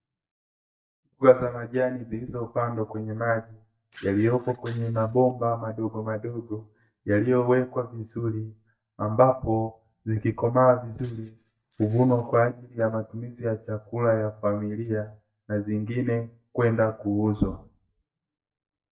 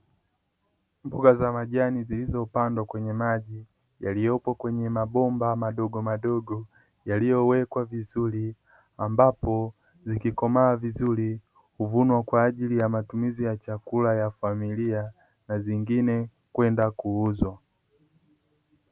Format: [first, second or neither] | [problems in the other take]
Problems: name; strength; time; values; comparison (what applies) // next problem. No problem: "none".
second | noise reduction (neural mask model DeepFilterNet 3)